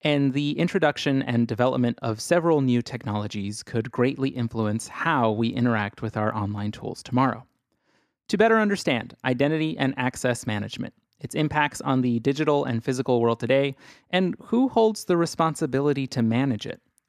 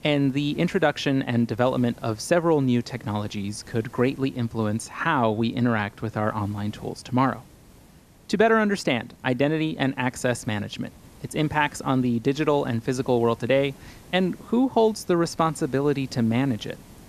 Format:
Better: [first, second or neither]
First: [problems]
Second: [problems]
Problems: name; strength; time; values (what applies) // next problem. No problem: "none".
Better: first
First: none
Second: hiss; faint; throughout; 25 dB below the speech